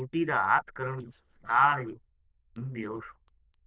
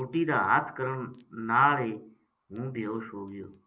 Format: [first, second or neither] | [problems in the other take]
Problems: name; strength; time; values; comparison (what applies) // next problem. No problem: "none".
second | noise reduction (neural diffusion model UNIVERSE++)